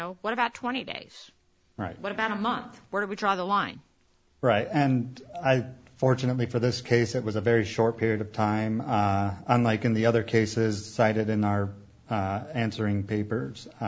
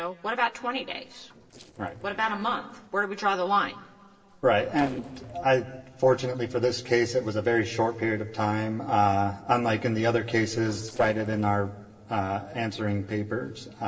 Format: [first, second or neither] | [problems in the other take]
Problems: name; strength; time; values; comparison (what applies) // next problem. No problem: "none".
first | noise reduction (neural separator model SepFormer DNS4)